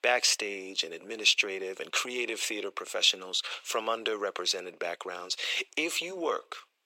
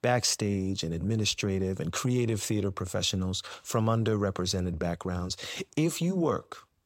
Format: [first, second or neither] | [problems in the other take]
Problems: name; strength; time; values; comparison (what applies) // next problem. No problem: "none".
second | thin; very; fading below 400 Hz